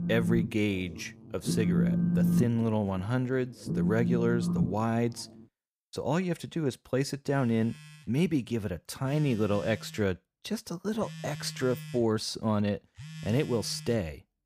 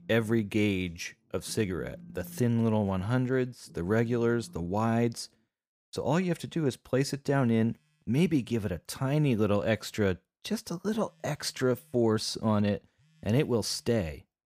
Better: second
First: alarms or sirens; loud; throughout; 1 dB below the speech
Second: alarms or sirens; faint; throughout; 25 dB below the speech

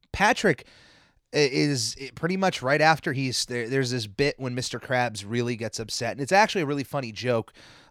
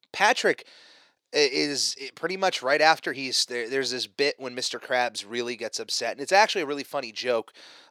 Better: first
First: none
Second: thin; somewhat; fading below 400 Hz

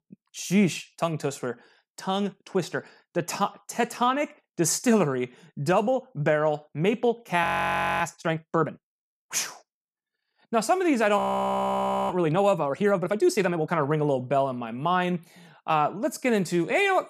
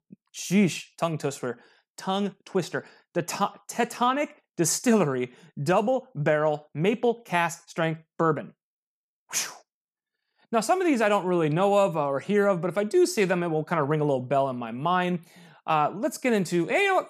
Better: second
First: audio freezing; at 7.5 s for 0.5 s and at 11 s for 1 s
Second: none

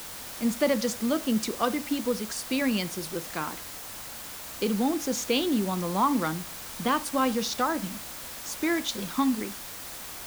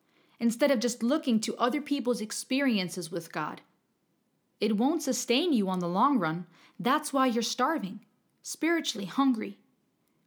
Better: second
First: hiss; loud; throughout; 9 dB below the speech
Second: none

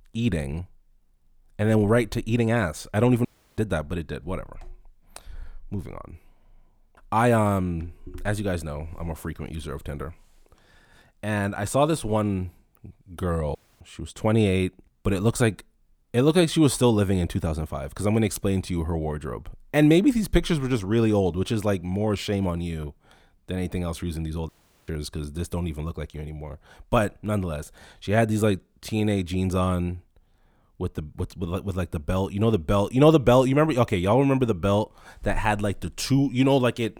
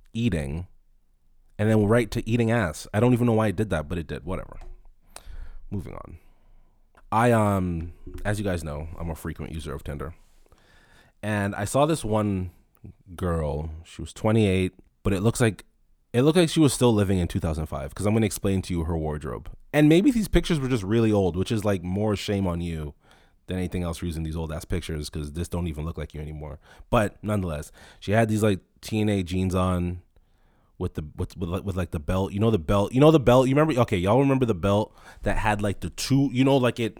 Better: second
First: audio cutting out; at 3.5 s, at 14 s and at 24 s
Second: none

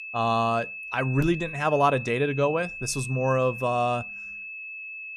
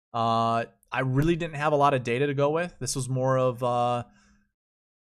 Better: second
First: high-pitched whine; loud; throughout; 2.5 kHz, 10 dB below the speech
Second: none

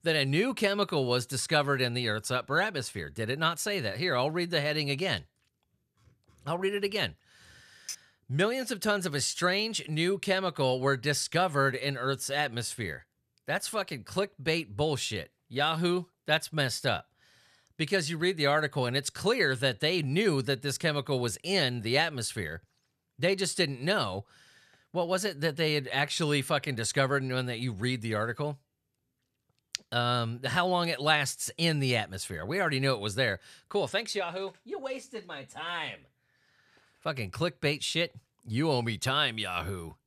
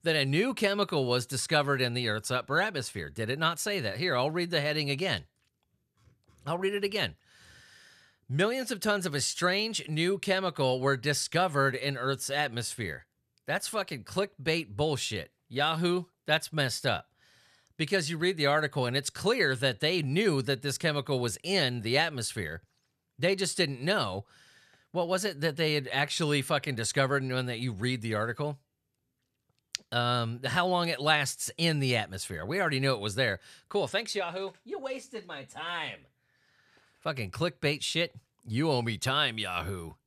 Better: second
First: clattering dishes; faint; at 8 s; peak 10 dB below the speech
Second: none

